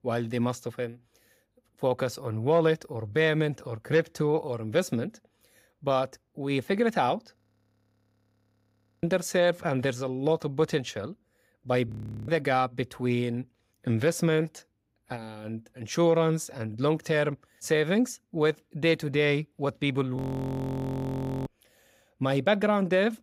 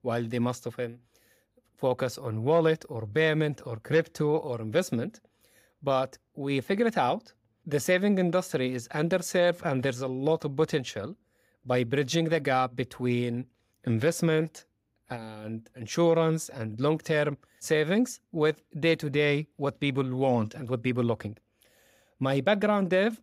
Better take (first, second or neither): second